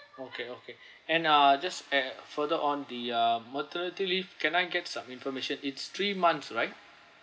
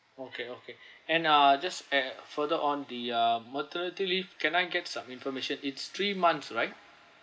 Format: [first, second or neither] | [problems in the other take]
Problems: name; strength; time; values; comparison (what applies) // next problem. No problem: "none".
first | noise reduction (neural mask model Resemble Enhance denoiser)